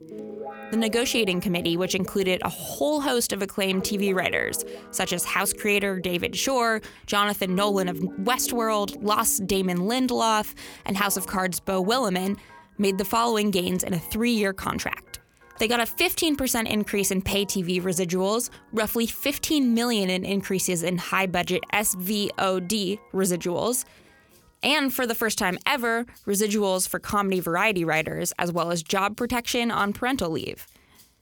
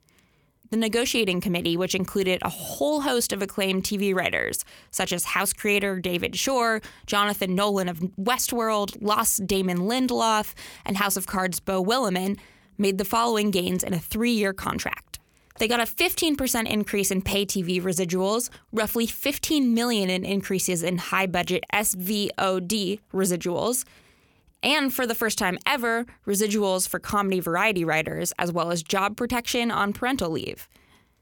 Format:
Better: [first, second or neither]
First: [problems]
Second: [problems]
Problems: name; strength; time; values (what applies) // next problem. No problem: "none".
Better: second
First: background music; noticeable; throughout; 20 dB below the speech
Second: none